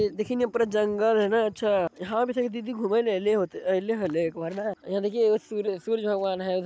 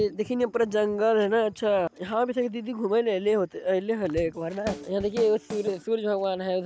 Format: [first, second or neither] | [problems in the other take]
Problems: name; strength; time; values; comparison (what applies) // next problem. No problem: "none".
first | background sound (Drum / Drum kit); 12 dB below the speech